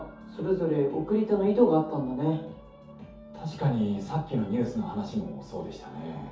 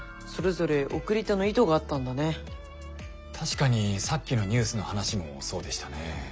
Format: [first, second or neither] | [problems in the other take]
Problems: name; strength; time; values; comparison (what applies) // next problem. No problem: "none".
second | room echo; dies away in 0.5 s